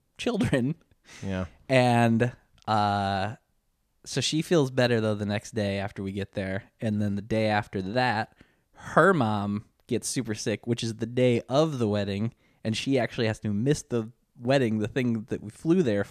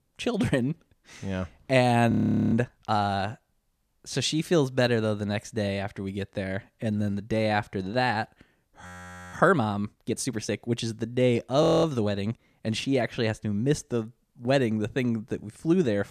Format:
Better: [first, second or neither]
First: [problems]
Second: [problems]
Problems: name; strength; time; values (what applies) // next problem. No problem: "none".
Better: first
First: none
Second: audio freezing; at 2 s, at 9 s and at 12 s